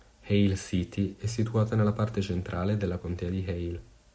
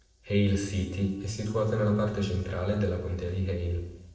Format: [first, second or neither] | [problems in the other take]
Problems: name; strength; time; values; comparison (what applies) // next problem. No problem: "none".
first | noise reduction (neural separator model SepFormer DNS4)